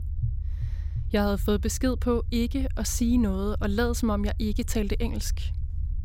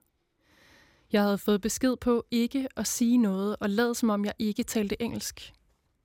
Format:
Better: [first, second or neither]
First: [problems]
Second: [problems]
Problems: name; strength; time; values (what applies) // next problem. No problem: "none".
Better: second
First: low rumble; faint; throughout; 20 dB below the speech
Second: none